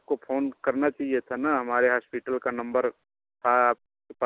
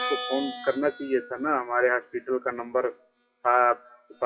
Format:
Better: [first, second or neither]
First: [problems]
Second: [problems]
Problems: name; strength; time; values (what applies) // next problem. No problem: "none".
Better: first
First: none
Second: noise reduction (classical method WPE with log-MMSE)